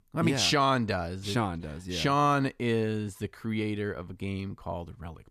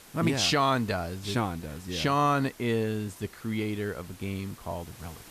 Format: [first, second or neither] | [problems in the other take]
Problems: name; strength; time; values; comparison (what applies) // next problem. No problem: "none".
first | hiss; faint; throughout; 20 dB below the speech